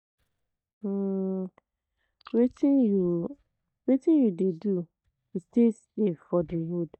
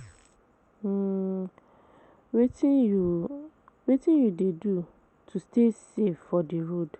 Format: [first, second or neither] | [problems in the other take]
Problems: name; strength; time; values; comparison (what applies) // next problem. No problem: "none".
second | noise reduction (neural mask model DeepFilterNet 3)